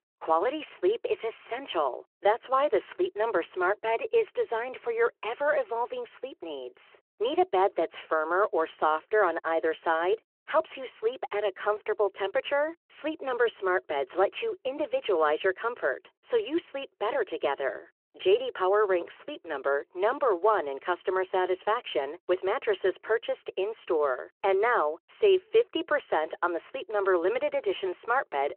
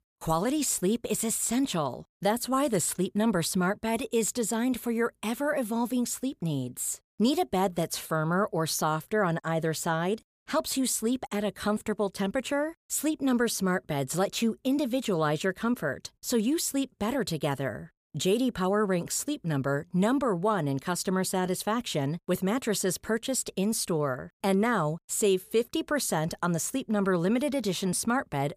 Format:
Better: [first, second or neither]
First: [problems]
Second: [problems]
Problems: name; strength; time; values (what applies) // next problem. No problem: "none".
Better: second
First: phone-call audio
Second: none